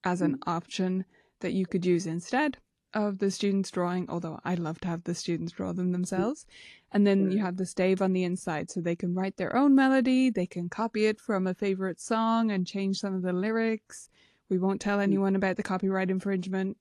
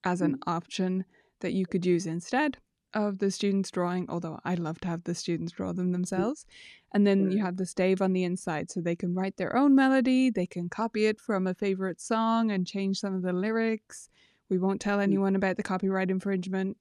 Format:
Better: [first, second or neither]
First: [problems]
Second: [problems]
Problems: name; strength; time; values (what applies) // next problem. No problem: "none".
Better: second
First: garbled, watery; slightly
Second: none